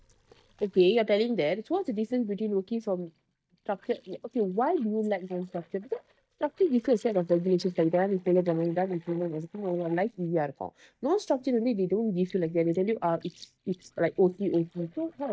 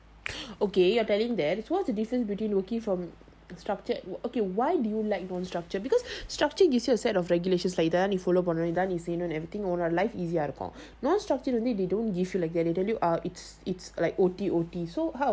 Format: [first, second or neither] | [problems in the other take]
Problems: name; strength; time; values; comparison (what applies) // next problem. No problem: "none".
second | noise reduction (neural mask model DeepFilterNet 3)